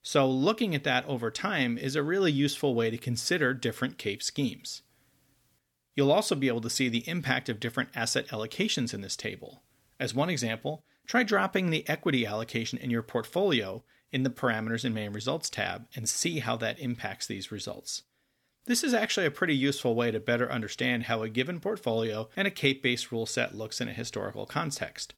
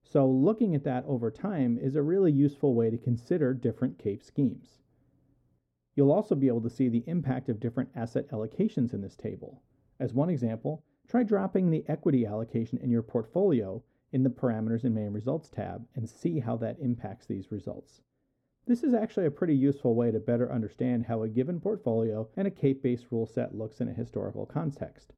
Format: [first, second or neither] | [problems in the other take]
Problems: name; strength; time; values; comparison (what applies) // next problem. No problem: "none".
first | muffled; very; fading above 1 kHz